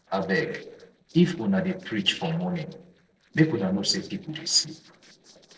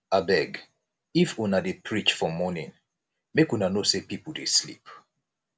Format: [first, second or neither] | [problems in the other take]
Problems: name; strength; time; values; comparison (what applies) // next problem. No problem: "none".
second | noise reduction (neural separator model SepFormer DNS4)